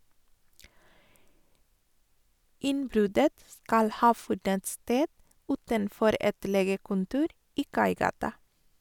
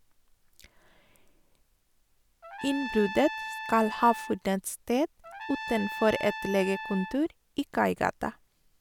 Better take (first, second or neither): first